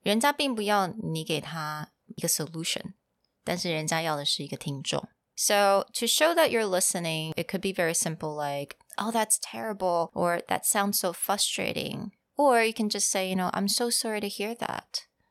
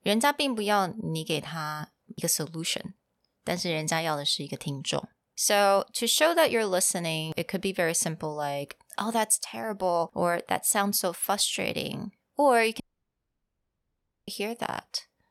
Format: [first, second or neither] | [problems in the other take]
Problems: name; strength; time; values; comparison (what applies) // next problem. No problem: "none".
first | audio cutting out; at 13 s for 1.5 s